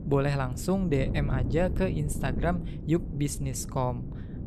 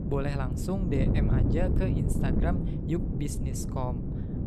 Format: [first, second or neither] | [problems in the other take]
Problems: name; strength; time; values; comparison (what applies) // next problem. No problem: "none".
first | wind noise on the microphone; heavy; 1 dB below the speech; occasional gusts in the first